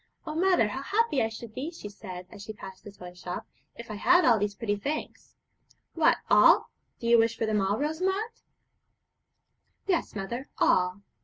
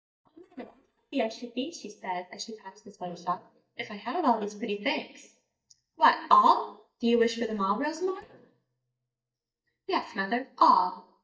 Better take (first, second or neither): first